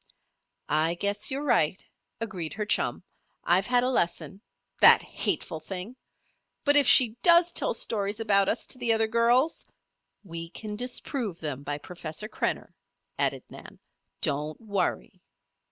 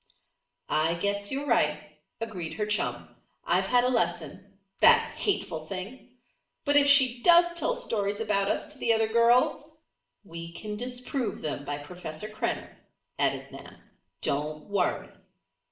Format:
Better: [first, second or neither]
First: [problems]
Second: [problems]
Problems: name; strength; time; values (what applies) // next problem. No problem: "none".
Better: first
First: none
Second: room echo; dies away in 0.6 s